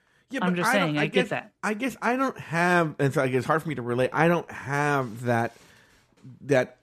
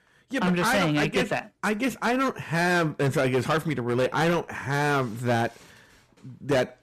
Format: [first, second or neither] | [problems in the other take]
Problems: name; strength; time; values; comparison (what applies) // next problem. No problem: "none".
first | distortion; heavy; 11% of the sound clipped